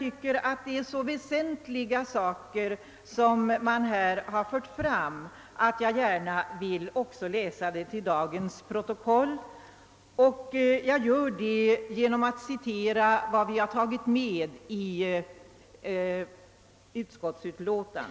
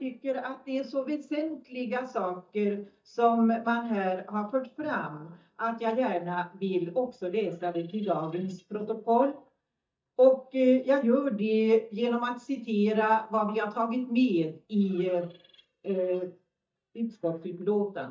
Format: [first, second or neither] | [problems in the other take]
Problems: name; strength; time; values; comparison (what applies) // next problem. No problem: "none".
first | noise reduction (neural mask model DeepFilterNet 3)